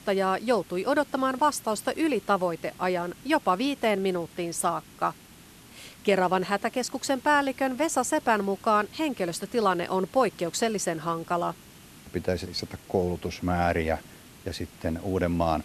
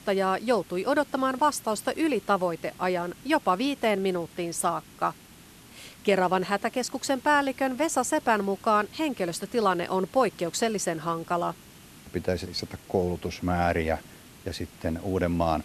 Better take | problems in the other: neither | hiss; faint; throughout; 20 dB below the speech; the same in both

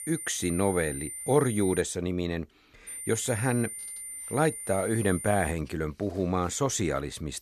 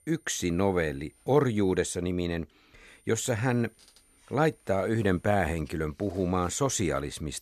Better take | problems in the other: second | high-pitched whine; loud; until 2 s and from 3 to 5.5 s; 9 kHz, 8 dB below the speech; faint in the second

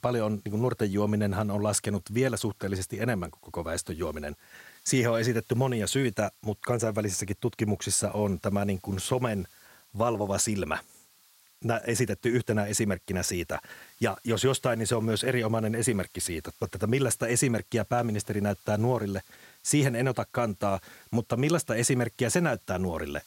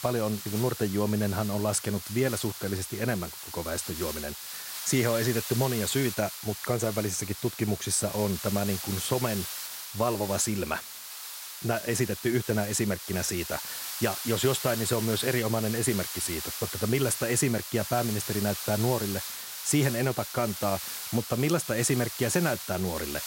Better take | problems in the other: first | hiss; loud; throughout; 6 dB below the speech; faint in the first

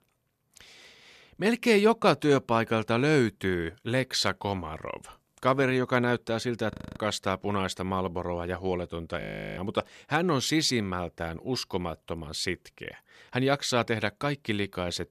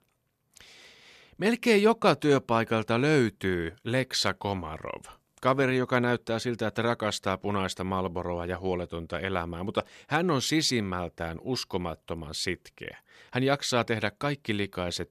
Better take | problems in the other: second | audio freezing; at 6.5 s and at 9 s

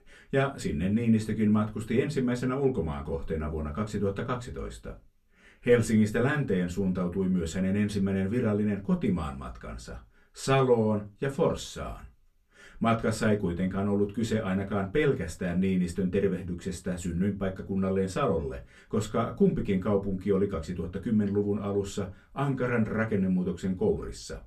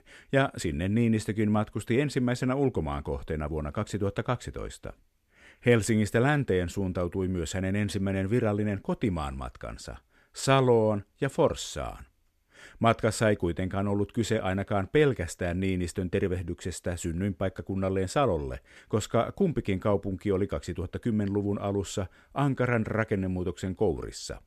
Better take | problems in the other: second | off-mic speech; far // room echo; very slight; dies away in 0.2 s

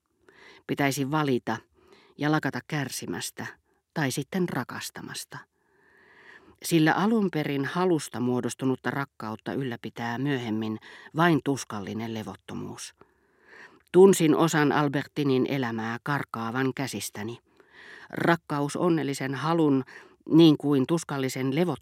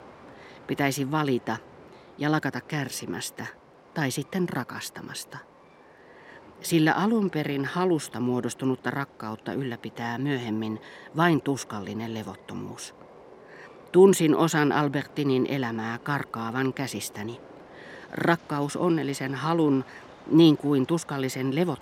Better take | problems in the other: first | train or aircraft noise; faint; throughout; 25 dB below the speech

